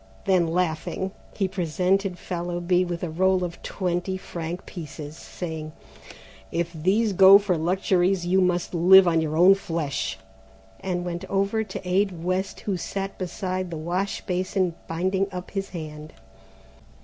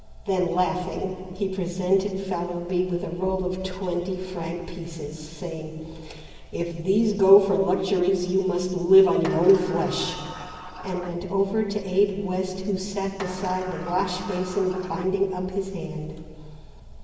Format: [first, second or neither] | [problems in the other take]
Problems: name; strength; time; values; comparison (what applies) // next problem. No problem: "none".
first | background sound (Sliding door); 14 dB below the speech // room echo; dies away in 1.9 s